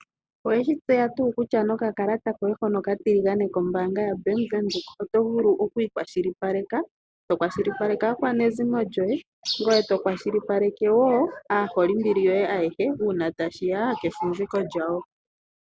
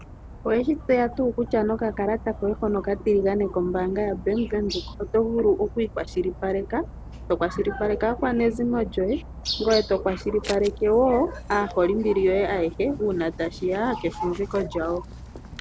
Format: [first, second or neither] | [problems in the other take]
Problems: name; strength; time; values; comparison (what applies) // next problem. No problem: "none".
first | background sound (Dog + Scissors); 15 dB below the speech